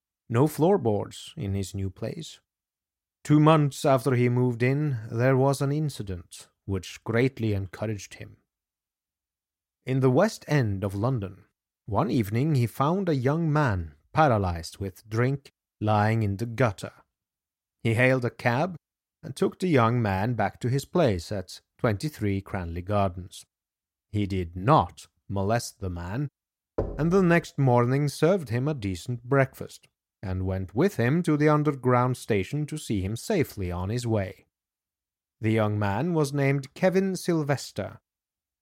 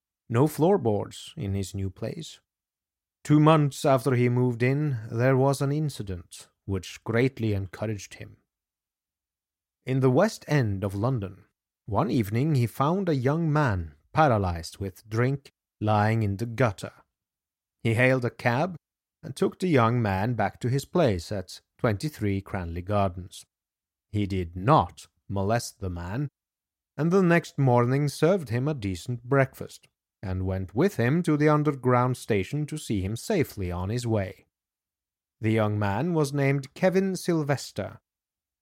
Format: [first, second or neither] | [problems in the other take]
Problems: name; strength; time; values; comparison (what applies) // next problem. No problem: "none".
second | door banging; noticeable; at 27 s; peak 7 dB below the speech